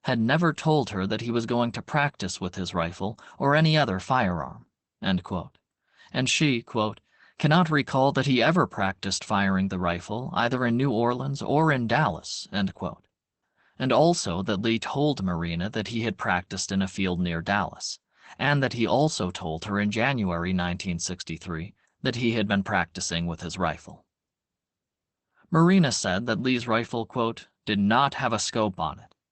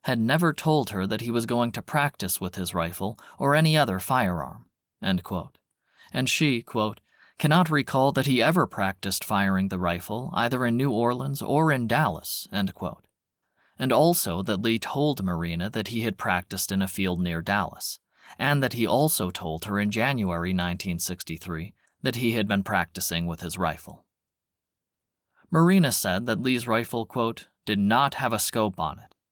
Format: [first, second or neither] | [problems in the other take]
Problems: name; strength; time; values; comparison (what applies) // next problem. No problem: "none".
second | garbled, watery; badly; nothing above 8 kHz; slightly in the second